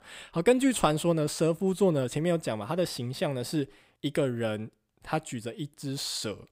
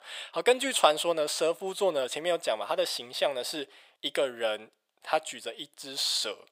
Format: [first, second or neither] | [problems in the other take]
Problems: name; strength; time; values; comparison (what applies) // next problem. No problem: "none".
first | thin; very; fading below 650 Hz